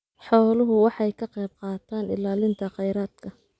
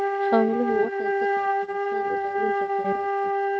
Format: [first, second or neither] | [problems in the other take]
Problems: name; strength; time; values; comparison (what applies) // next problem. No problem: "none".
first | noise reduction (neural mask model RNNoise)